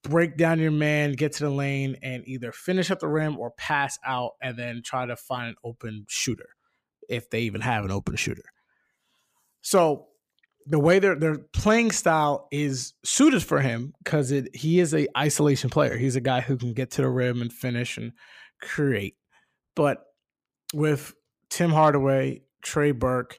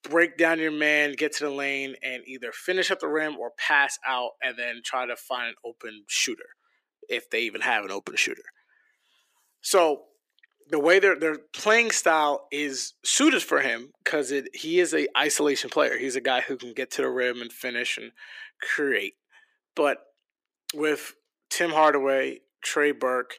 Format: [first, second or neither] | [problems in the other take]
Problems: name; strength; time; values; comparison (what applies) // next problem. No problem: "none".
first | thin; somewhat; fading below 350 Hz